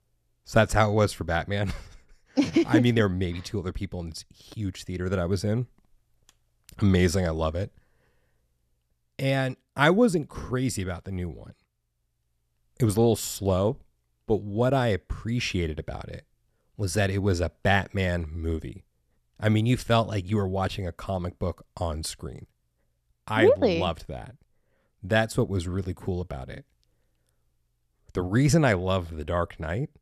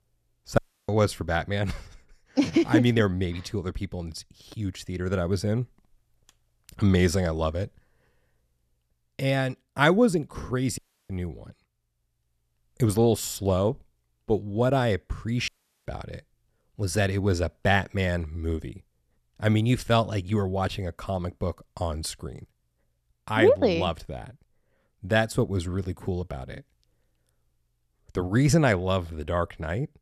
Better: first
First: none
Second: audio cutting out; at 0.5 s, at 11 s and at 15 s

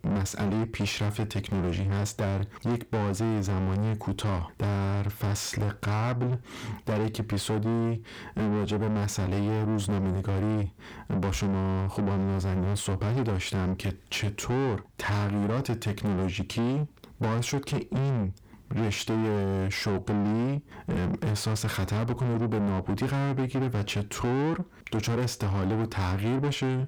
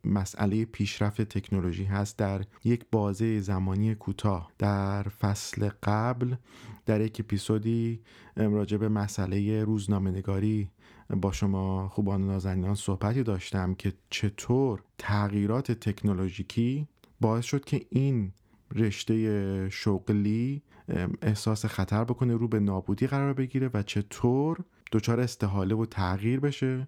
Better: second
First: distortion; heavy; 6 dB below the speech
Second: none

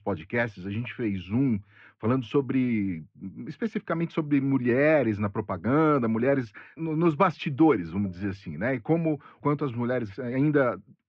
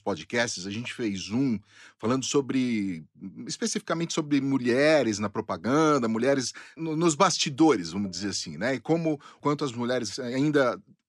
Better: second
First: muffled; very; fading above 2.5 kHz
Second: none

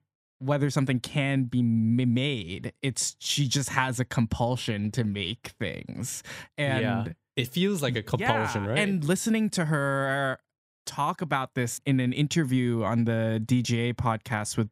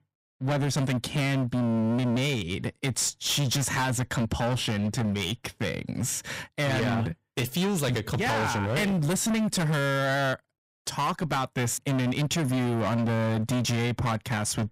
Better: first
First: none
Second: distortion; heavy; 30% of the sound clipped

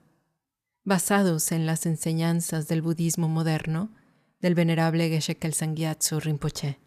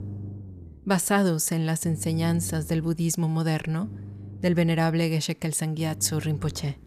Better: first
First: none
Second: low rumble; faint; throughout; 20 dB below the speech

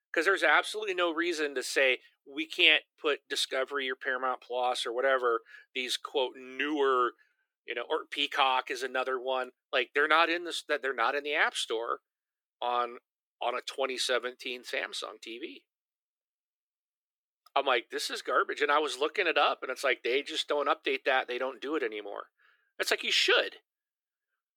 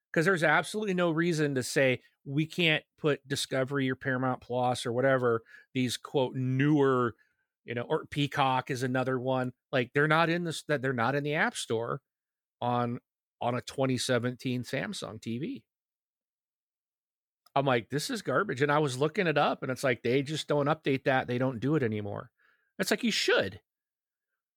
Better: second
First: thin; very; fading below 350 Hz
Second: none

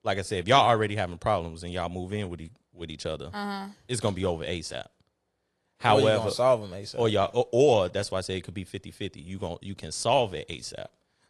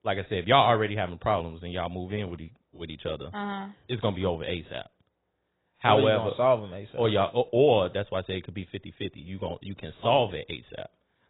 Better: first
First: garbled, watery; slightly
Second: garbled, watery; badly; nothing above 4 kHz

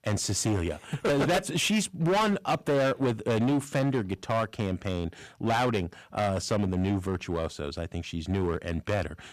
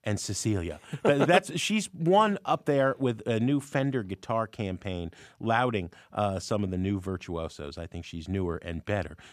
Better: second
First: distortion; heavy; 14% of the sound clipped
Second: none

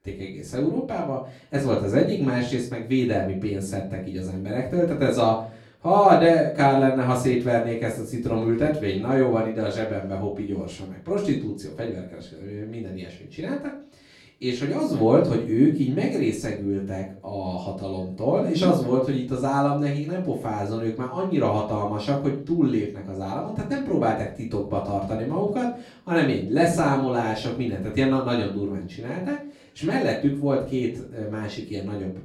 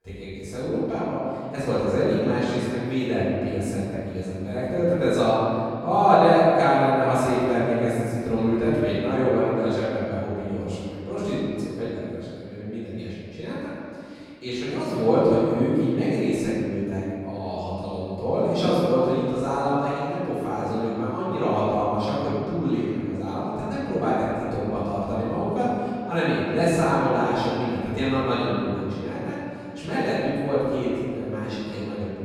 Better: first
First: room echo; slight; dies away in 0.4 s // off-mic speech; far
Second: room echo; strong; dies away in 2.2 s // off-mic speech; far

